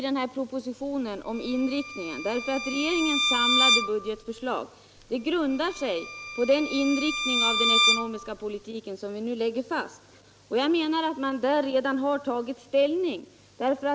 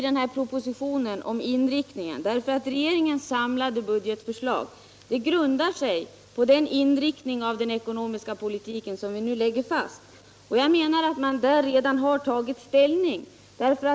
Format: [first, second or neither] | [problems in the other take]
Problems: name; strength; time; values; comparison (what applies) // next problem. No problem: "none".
second | background sound (Bowed string instrument); as loud as the speech